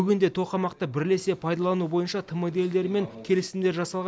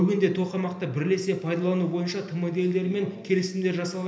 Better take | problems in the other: first | room echo; dies away in 0.8 s

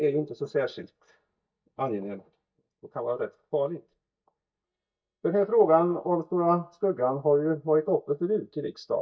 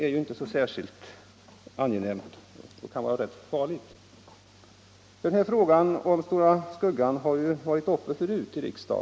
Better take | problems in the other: second | noise reduction (neural mask model DeepFilterNet 3)

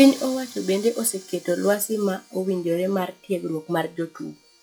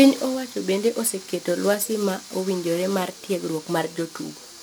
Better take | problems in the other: second | noise reduction (classical method log-MMSE)

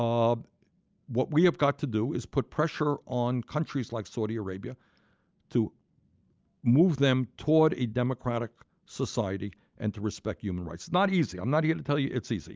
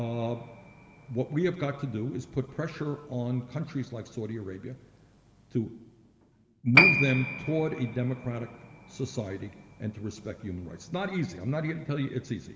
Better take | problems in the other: first | background sound (Piano); 2 dB below the speech // room echo; dies away in 2.4 s

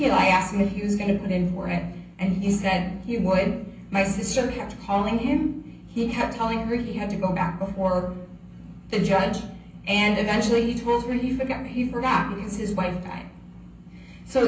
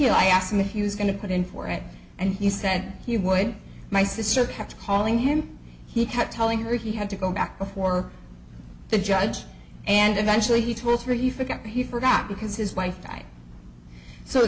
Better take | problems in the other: second | room echo; dies away in 0.6 s

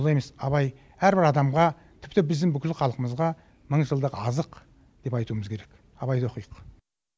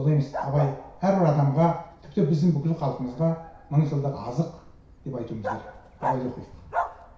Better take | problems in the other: first | background sound (Bark); 11 dB below the speech // room echo; dies away in 0.6 s

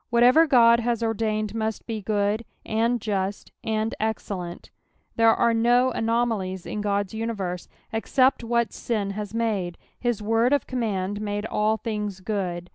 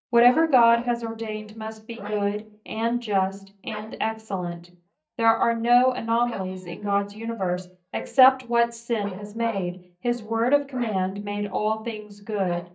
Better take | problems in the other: first | noise reduction (neural mask model DeepFilterNet 3)

